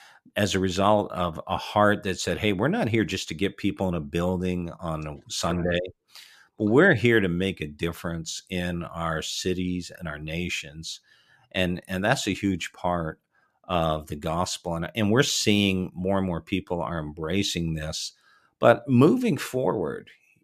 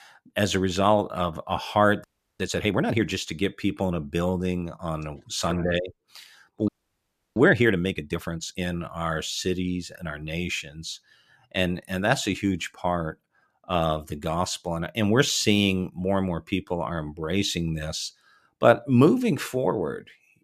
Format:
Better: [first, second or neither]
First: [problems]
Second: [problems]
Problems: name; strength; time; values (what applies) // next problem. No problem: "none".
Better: first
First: none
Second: audio freezing; at 2 s and at 6.5 s for 0.5 s